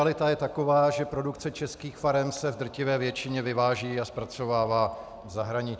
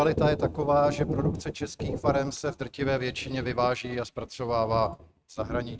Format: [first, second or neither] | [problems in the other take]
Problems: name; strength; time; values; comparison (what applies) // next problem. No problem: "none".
first | noise reduction (neural mask model RNNoise)